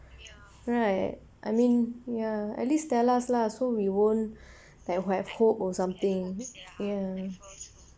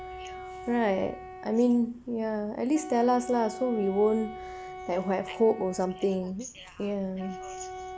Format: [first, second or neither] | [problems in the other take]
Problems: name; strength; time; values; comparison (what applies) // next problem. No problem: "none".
first | background sound (Wind instrument, woodwind instrument); 13 dB below the speech